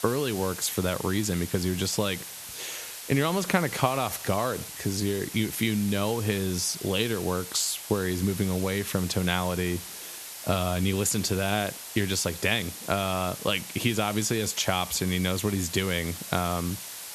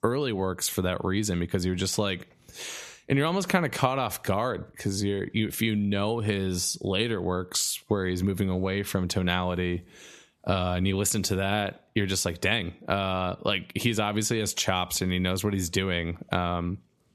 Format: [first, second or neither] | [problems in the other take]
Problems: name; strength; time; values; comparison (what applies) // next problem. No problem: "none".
second | hiss; loud; throughout; 10 dB below the speech